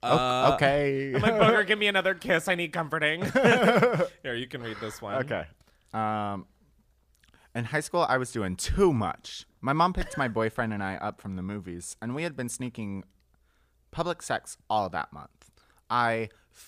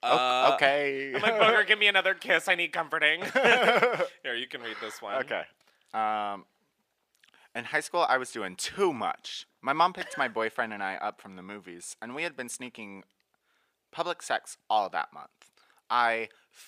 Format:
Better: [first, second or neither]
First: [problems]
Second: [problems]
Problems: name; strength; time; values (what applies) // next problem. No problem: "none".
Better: first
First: none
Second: thin; somewhat; fading below 300 Hz